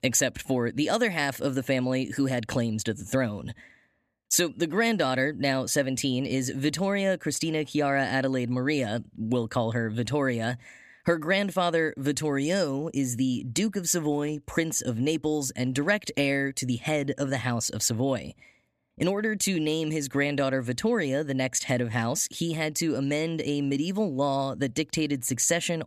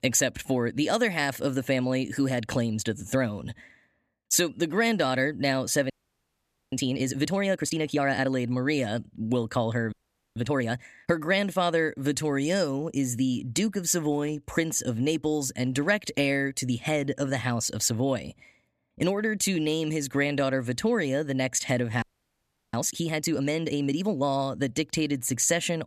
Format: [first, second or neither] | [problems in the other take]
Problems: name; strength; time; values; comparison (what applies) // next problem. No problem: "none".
first | audio freezing; at 6 s for 1 s, at 10 s and at 22 s for 0.5 s